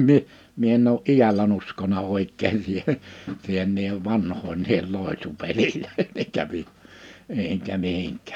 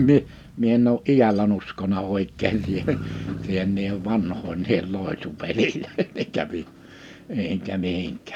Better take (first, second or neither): first